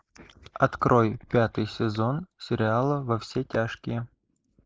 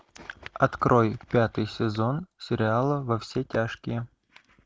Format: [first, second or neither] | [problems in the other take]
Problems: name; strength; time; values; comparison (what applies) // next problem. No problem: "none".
second | noise reduction (neural mask model Resemble Enhance denoiser)